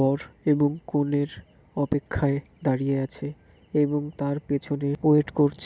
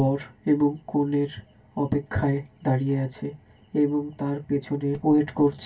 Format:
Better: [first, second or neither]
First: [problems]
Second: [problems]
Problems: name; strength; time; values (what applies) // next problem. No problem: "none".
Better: first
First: none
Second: room echo; dies away in 0.1 s